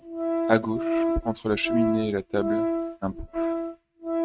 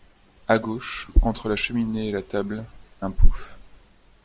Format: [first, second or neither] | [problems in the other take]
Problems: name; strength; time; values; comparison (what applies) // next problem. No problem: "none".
second | noise reduction (neural mask model RNNoise)